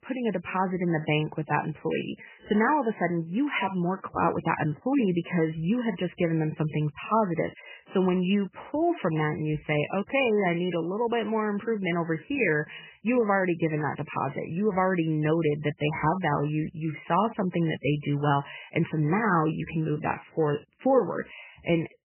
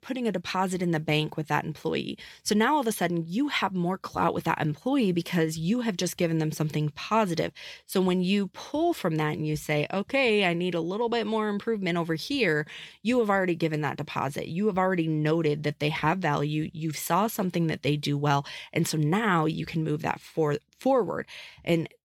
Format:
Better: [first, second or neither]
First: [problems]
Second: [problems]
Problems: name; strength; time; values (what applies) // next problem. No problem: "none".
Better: second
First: garbled, watery; badly; nothing above 3 kHz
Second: none